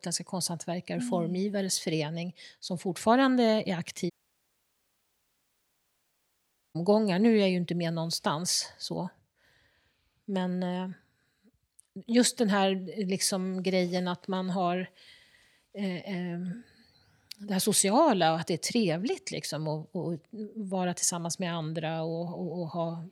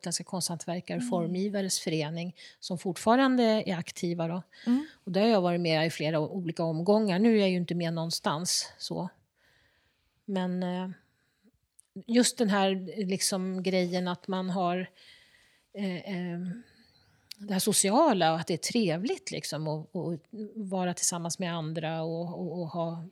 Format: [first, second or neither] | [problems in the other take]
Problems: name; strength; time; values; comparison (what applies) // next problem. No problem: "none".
second | audio cutting out; at 4 s for 2.5 s